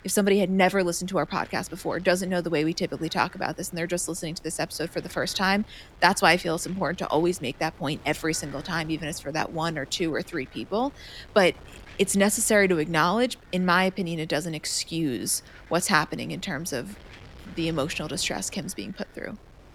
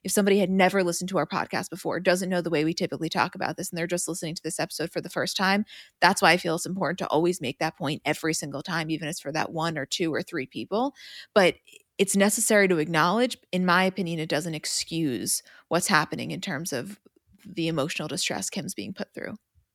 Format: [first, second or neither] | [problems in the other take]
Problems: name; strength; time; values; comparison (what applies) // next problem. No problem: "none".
second | wind noise on the microphone; occasional gusts; 25 dB below the speech